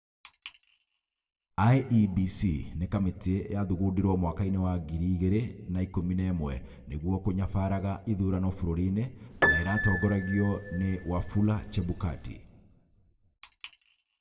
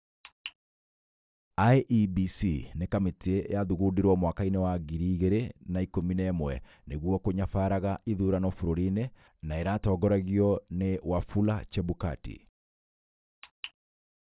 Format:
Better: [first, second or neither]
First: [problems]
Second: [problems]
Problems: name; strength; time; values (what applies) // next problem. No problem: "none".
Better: second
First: background sound (Piano); 4 dB below the speech // room echo; dies away in 1 s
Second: none